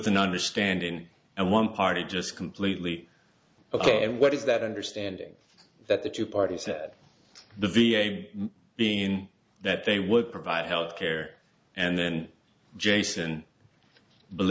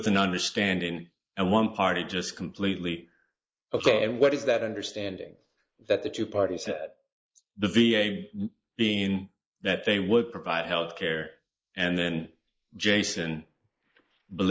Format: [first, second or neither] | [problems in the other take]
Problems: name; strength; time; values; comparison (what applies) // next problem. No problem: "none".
first | noise reduction (neural mask model Resemble Enhance denoiser)